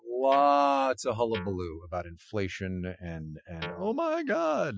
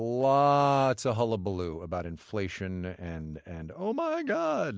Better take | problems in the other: second | noise reduction (classical method Wiener filter)

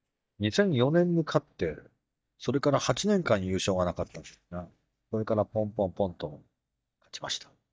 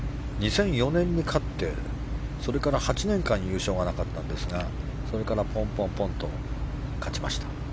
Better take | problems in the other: second | noise reduction (neural mask model DeepFilterNet 3)

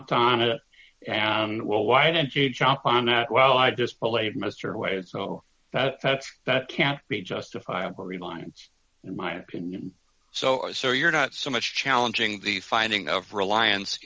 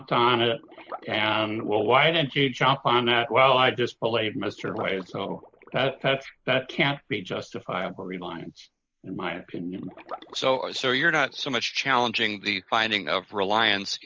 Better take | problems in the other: first | noise reduction (neural mask model Resemble Enhance denoiser)

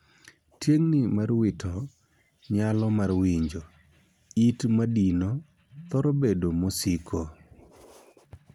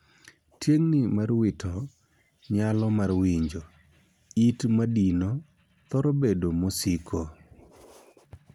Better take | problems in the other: second | background sound (Telephone); 19 dB below the speech

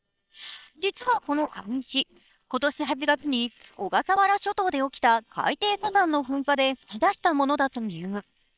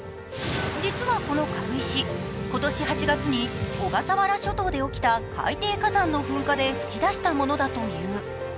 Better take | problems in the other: second | noise reduction (neural separator model SepFormer WHAM!)

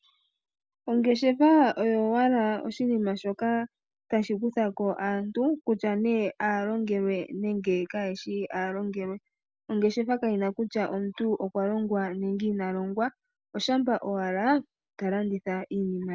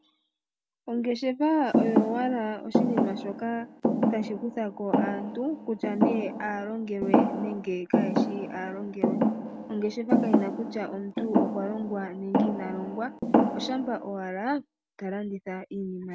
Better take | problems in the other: first | background sound (Thump, thud); 3 dB above the speech

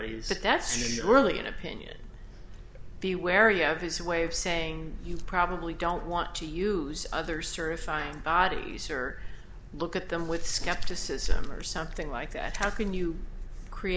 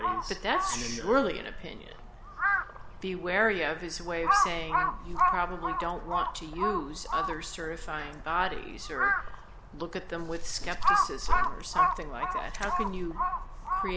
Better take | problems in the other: first | background sound (Crow); 1 dB above the speech

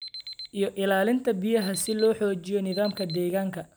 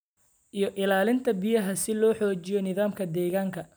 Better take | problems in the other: second | background sound (Alarm); 16 dB below the speech

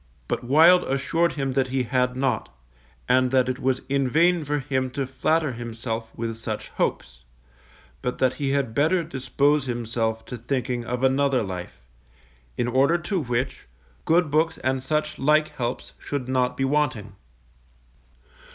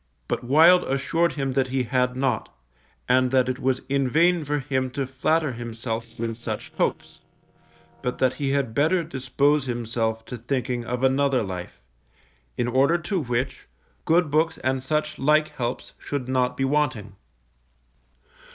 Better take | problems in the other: first | noise reduction (neural separator model SepFormer DNS4)

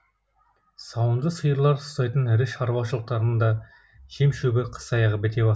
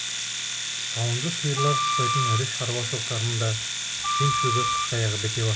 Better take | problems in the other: first | background sound (Domestic sounds, home sounds + Wind instrument, woodwind instrument); 1 dB above the speech

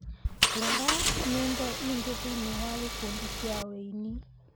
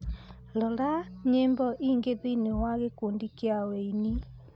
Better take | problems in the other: second | background sound (Engine); 4 dB above the speech

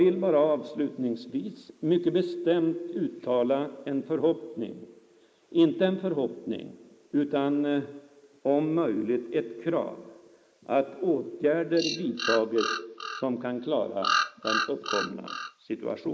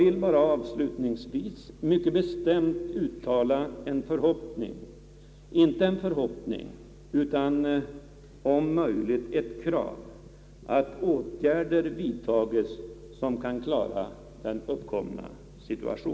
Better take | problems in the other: second | noise reduction (neural mask model Resemble Enhance denoiser)

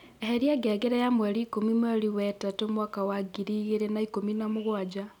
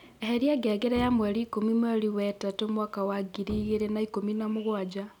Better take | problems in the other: first | background sound (Bowed string instrument); 16 dB below the speech

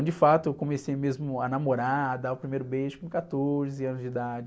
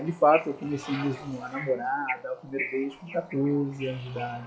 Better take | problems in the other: first | noise reduction (classical method log-MMSE)

